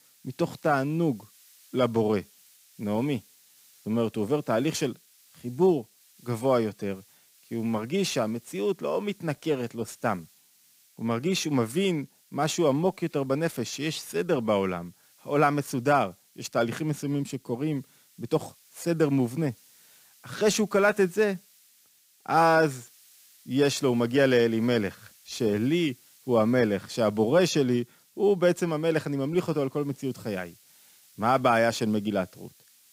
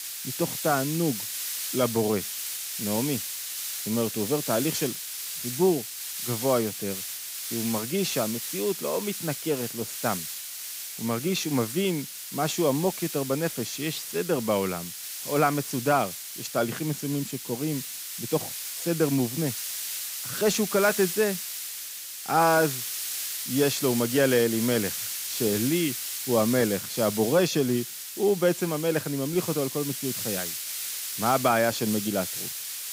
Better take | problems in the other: first | hiss; loud; throughout; 5 dB below the speech; faint in the first

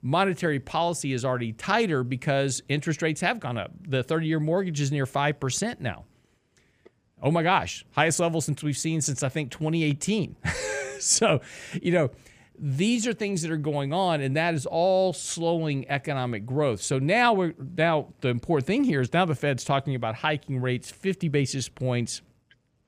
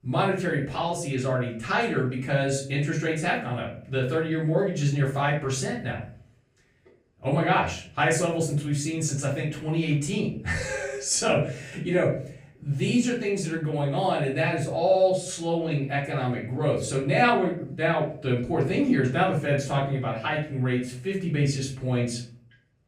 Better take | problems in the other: first | off-mic speech; far // room echo; slight; dies away in 0.4 s

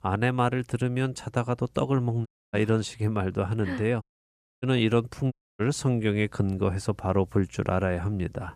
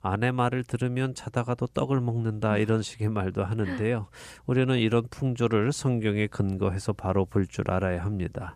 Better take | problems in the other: second | audio cutting out; at 2.5 s, at 4 s for 0.5 s and at 5.5 s

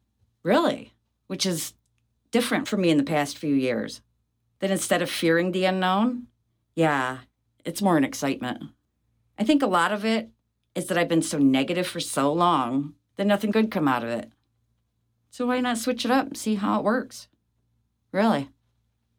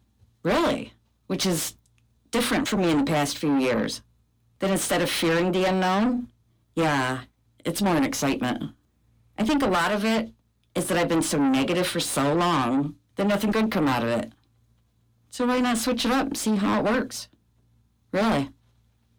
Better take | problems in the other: first | distortion; heavy; 5 dB below the speech

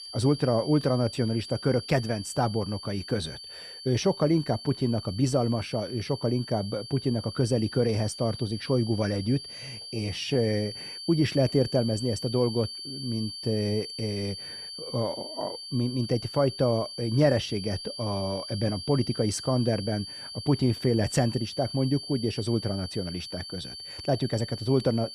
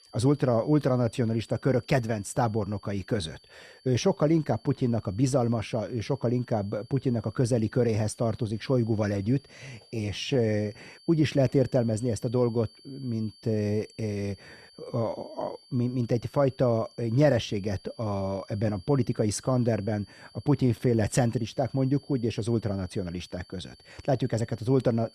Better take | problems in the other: second | high-pitched whine; loud; throughout; 4.5 kHz, 10 dB below the speech; faint in the second

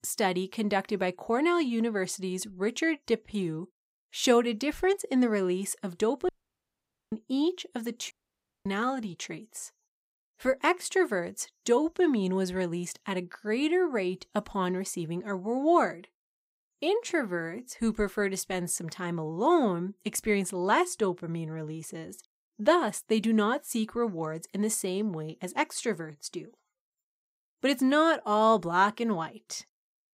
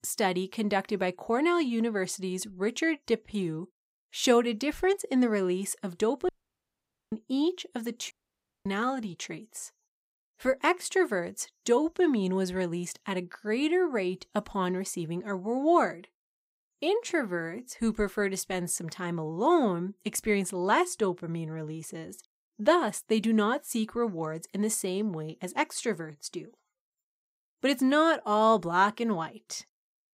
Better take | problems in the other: neither | audio cutting out; at 6.5 s for 1 s and at 8 s for 0.5 s; the same in both

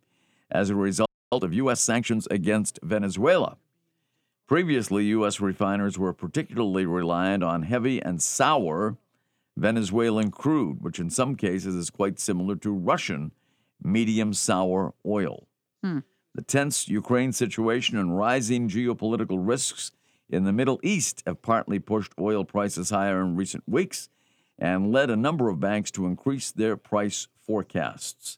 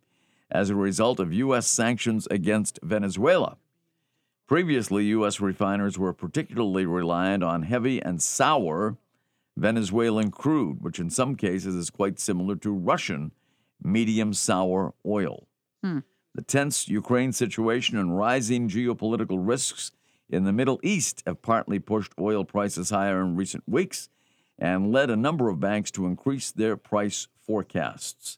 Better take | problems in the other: second | audio freezing; at 1 s

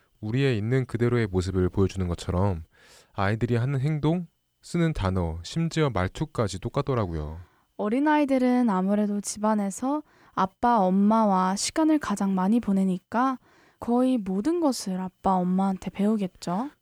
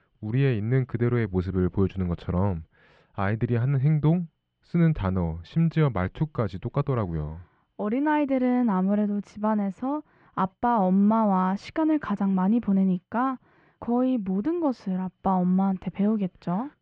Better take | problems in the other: first | muffled; very; fading above 3 kHz

